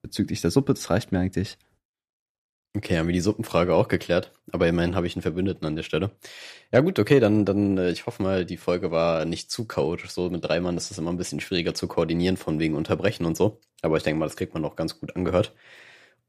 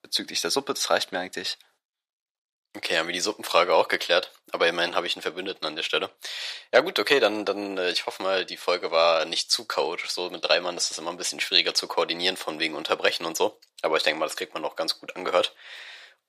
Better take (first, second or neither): first